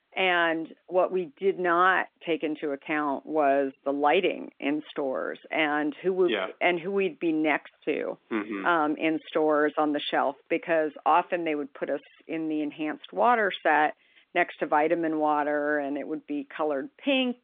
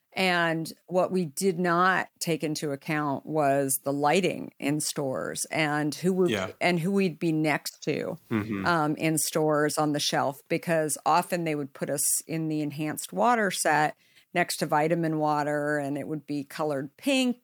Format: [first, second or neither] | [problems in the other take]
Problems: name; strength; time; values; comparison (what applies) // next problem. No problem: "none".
second | phone-call audio; nothing above 3.5 kHz